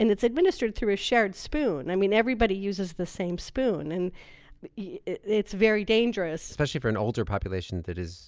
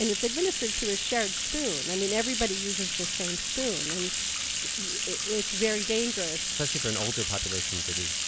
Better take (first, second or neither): first